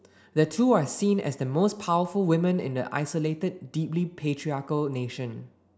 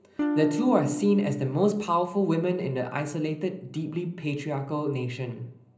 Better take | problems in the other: first | background sound (Electric guitar / Strum); 4 dB below the speech // room echo; dies away in 0.5 s

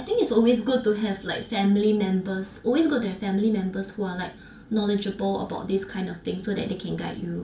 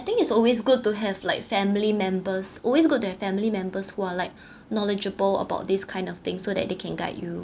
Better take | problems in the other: second | room echo; dies away in 0.3 s

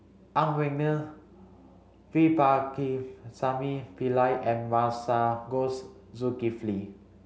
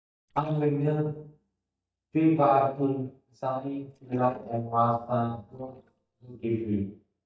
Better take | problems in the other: first | noise reduction (neural mask model DeepFilterNet 3)

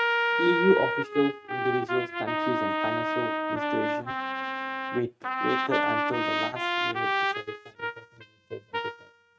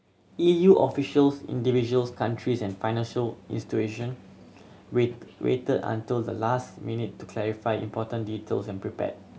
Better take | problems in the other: second | noise reduction (neural mask model RNNoise)

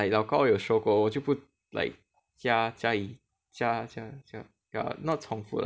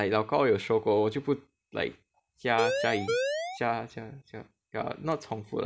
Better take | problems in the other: first | background sound (Siren); 1 dB above the speech

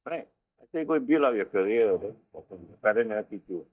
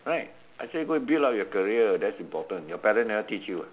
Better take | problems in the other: second | noise reduction (neural mask model DeepFilterNet 3)

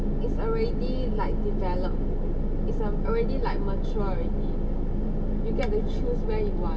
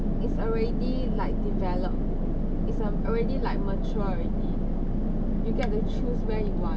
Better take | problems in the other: second | room echo; dies away in 1.2 s

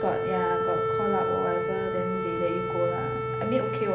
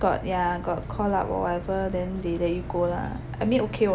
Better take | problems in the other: second | background sound (Wind instrument, woodwind instrument); 1 dB above the speech // room echo; dies away in 1.1 s

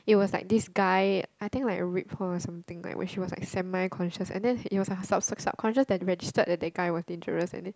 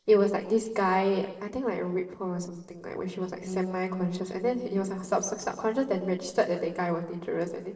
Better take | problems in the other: first | noise reduction (neural separator model SepFormer DNS4)

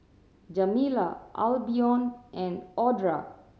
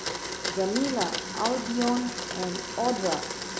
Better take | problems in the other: first | background sound (Domestic sounds, home sounds); 3 dB below the speech

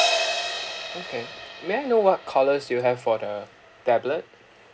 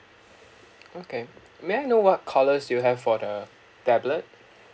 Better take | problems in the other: second | background sound (Crash cymbal); 6 dB below the speech

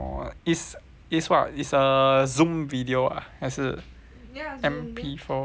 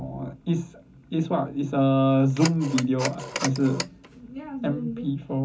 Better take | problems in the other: first | background sound (Telephone); 13 dB below the speech // room echo; dies away in 0.3 s

